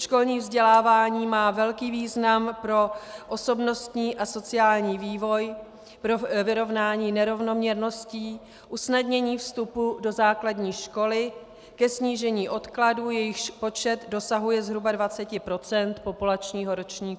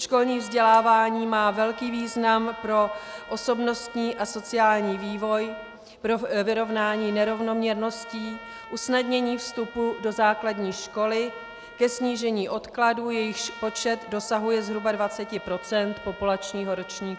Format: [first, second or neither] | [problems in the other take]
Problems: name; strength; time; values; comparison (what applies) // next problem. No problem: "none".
first | background sound (Trumpet); 17 dB below the speech